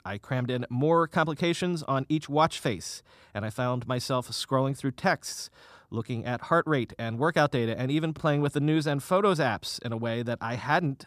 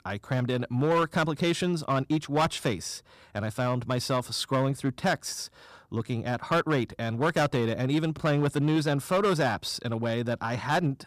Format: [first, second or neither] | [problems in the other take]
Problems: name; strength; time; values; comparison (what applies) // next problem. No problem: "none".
first | distortion; slight; 6% of the sound clipped